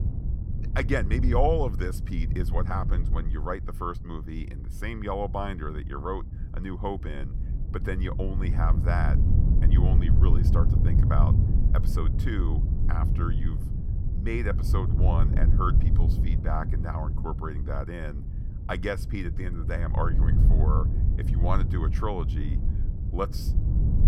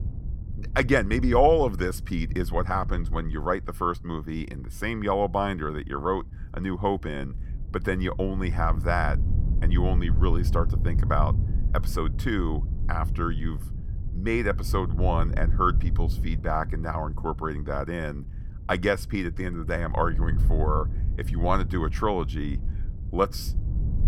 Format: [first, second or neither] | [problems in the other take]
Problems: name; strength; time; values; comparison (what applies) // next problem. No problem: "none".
second | wind noise on the microphone; heavy; 8 dB below the speech; occasional gusts in the second